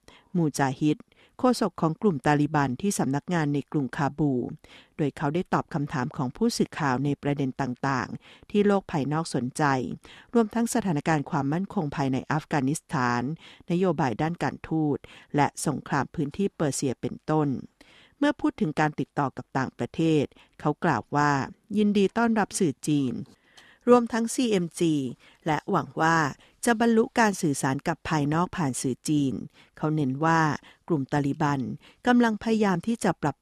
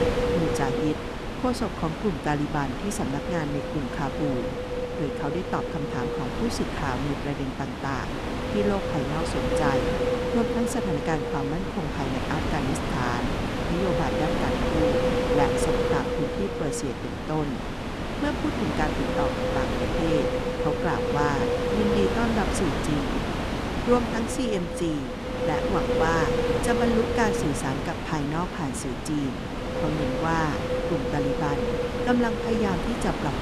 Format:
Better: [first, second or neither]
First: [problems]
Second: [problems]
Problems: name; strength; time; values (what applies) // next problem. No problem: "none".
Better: first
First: none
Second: wind noise on the microphone; heavy; 2 dB above the speech